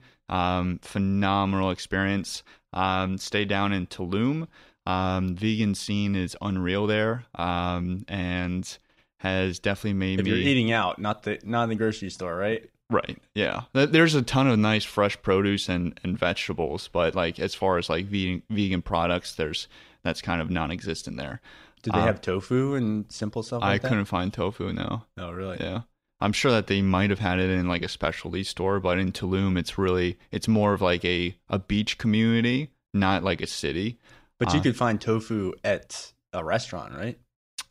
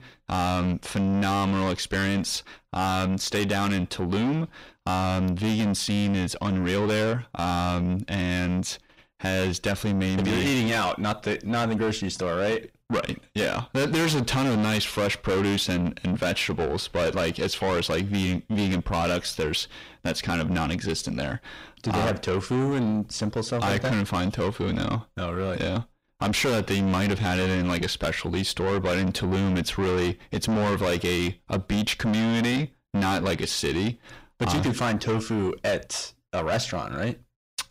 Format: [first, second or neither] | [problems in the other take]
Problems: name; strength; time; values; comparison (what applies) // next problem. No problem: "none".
first | distortion; heavy; 6 dB below the speech